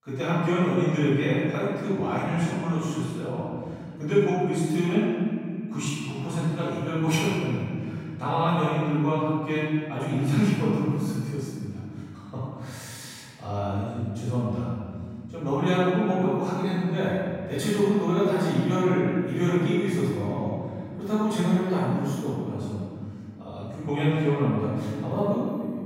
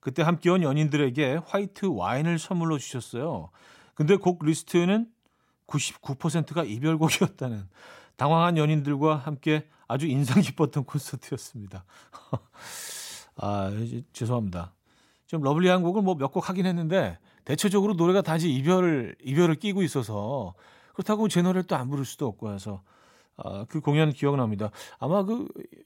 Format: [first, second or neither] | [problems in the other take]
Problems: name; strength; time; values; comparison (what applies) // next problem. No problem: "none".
second | off-mic speech; far // room echo; strong; dies away in 2.2 s